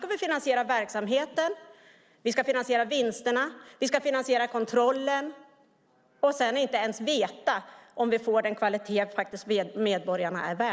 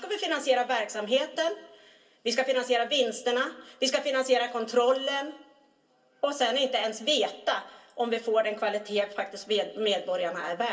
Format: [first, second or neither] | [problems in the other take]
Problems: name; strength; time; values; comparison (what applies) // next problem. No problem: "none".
first | room echo; dies away in 0.2 s